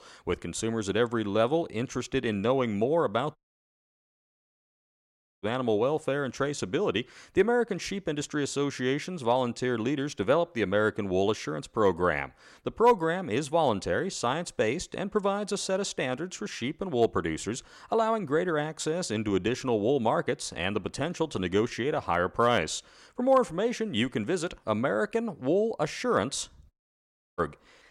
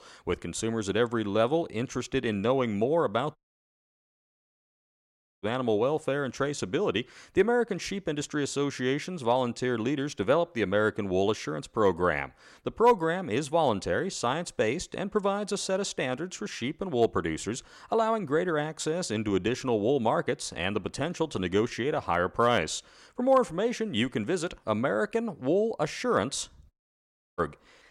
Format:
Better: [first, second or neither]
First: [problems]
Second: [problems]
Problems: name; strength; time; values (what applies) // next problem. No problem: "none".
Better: neither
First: audio cutting out; at 3.5 s for 2 s and at 27 s for 0.5 s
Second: audio cutting out; at 3.5 s for 2 s and at 27 s for 0.5 s